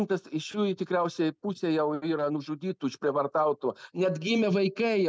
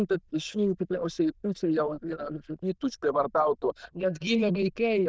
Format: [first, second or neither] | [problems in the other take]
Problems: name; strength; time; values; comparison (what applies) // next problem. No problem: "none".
first | noise reduction (neural diffusion model UNIVERSE++)